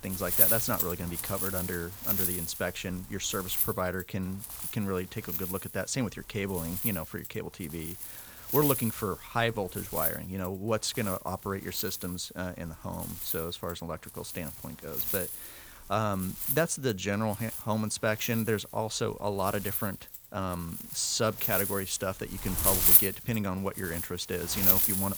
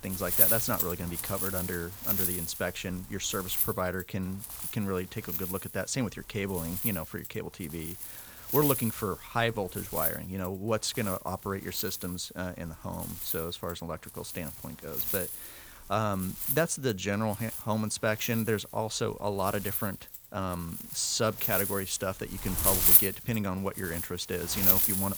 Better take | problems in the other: neither | wind noise on the microphone; heavy; 4 dB below the speech; the same in both

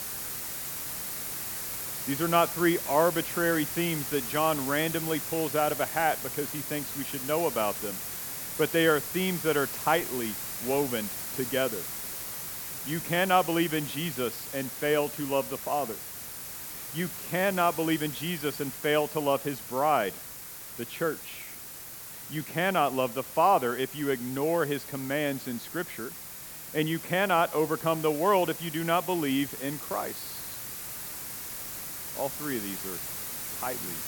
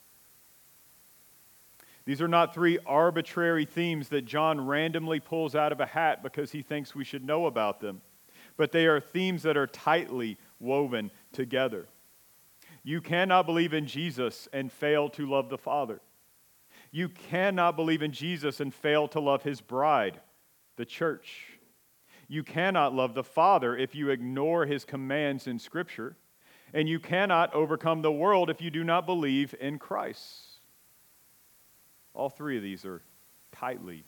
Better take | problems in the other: second | hiss; loud; throughout; 6 dB below the speech; faint in the second

